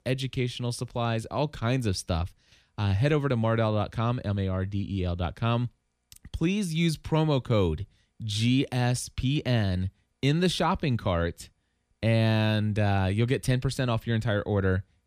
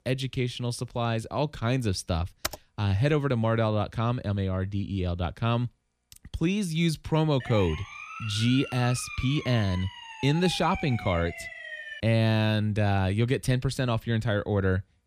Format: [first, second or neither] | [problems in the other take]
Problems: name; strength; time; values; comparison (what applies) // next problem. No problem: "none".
first | keyboard typing; noticeable; at 2.5 s; peak 7 dB below the speech // siren; noticeable; from 7.5 to 12 s; peak 9 dB below the speech